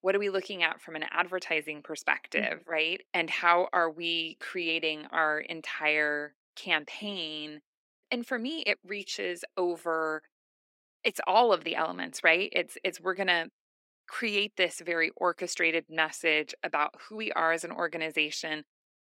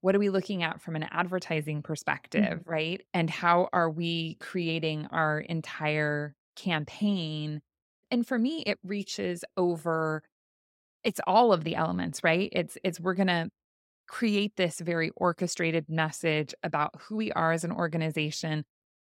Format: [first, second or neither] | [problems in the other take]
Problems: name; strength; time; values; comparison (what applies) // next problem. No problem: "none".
second | thin; somewhat; fading below 300 Hz